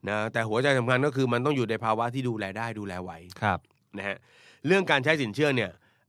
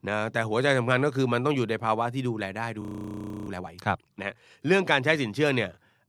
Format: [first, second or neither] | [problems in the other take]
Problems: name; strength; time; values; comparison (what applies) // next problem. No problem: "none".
first | audio freezing; at 3 s for 0.5 s